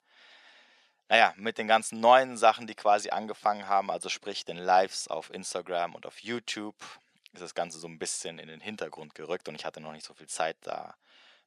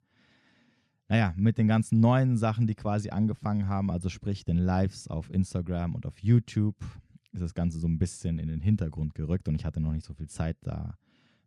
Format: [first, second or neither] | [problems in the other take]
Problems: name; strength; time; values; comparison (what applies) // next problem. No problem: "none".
second | thin; very; fading below 500 Hz